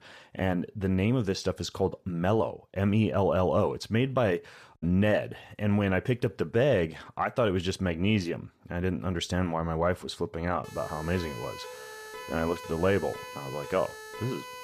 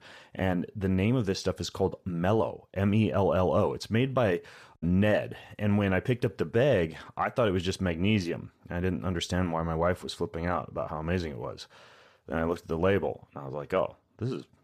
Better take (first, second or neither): second